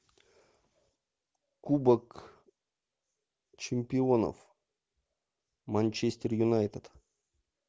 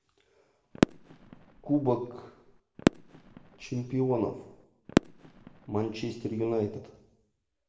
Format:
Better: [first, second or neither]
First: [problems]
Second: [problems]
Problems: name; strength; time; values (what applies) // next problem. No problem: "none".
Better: first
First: none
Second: background sound (Fireworks); 1 dB above the speech // room echo; dies away in 0.8 s